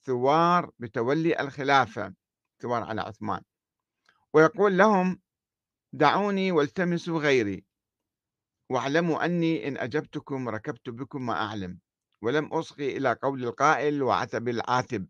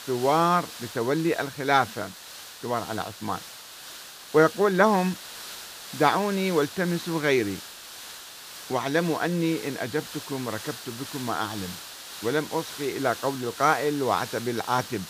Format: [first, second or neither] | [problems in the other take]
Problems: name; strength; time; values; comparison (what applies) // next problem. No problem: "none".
first | hiss; noticeable; throughout; 10 dB below the speech